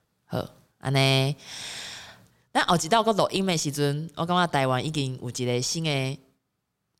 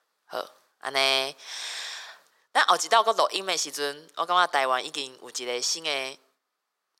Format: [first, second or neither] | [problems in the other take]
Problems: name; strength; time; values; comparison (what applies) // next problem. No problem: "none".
first | thin; very; fading below 450 Hz